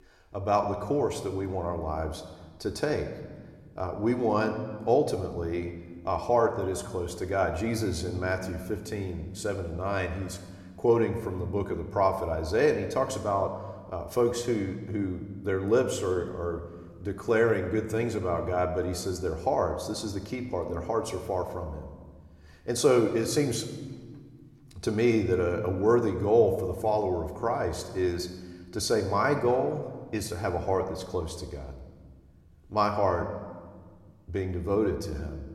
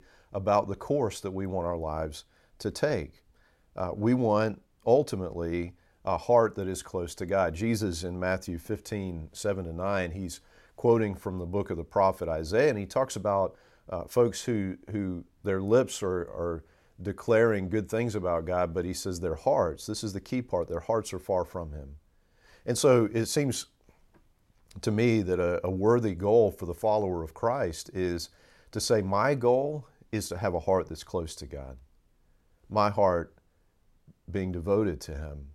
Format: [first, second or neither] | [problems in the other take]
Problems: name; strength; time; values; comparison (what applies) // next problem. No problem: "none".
second | room echo; slight; dies away in 1.2 s